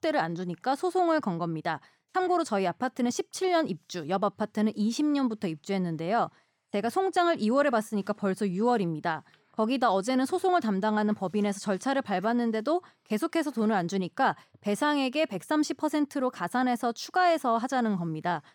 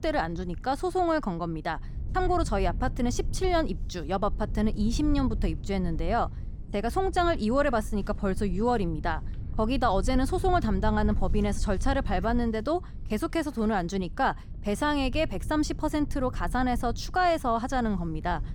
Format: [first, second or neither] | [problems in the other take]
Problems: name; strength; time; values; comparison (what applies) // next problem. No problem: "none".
first | low rumble; faint; throughout; 20 dB below the speech